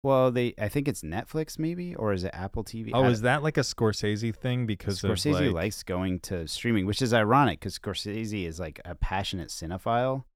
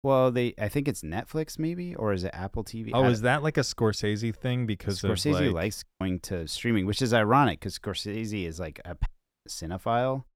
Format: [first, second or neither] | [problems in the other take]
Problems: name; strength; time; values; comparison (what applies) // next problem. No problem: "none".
first | audio cutting out; at 6 s and at 9 s